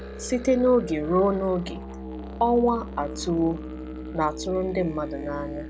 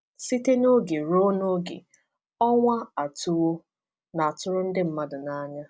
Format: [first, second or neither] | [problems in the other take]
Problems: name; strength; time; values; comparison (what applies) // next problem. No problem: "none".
second | background sound (Musical instrument); 10 dB below the speech